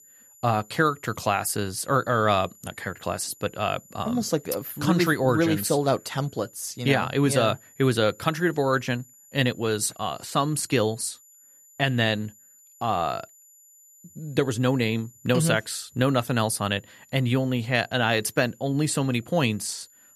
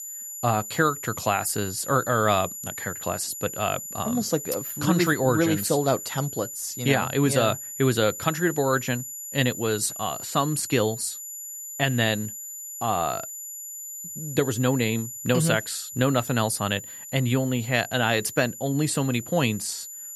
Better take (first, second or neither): first